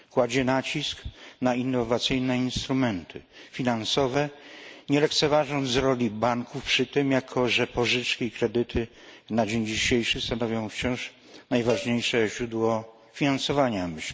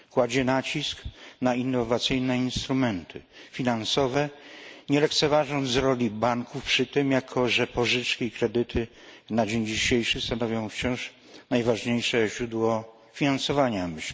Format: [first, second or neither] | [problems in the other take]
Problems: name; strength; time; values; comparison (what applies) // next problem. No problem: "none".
second | background sound (Cowbell); 15 dB below the speech